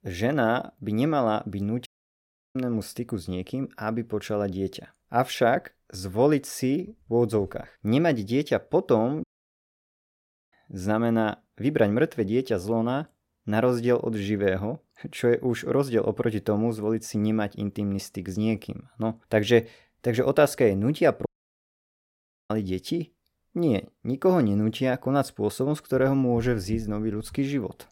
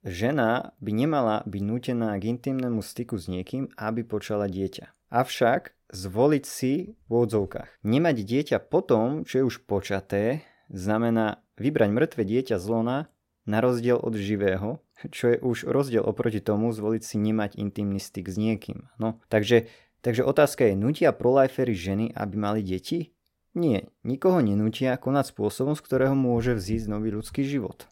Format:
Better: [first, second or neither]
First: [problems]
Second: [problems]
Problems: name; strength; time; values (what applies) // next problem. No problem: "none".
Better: second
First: audio cutting out; at 2 s for 0.5 s, at 9 s for 1.5 s and at 21 s for 1 s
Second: none